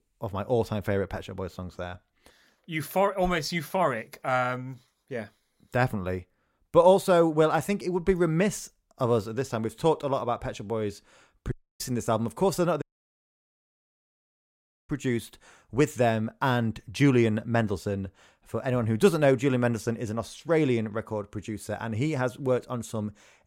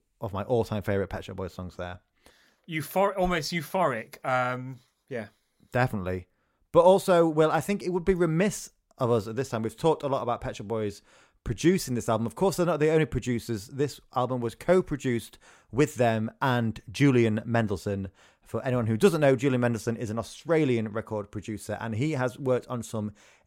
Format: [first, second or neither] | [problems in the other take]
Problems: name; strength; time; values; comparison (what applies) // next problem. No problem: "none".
second | audio cutting out; at 12 s and at 13 s for 2 s